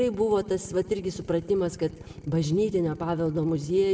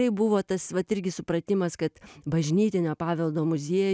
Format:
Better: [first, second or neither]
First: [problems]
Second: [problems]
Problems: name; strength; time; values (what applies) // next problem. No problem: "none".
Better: second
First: background sound (Drill); 18 dB below the speech // room echo; dies away in 1 s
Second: none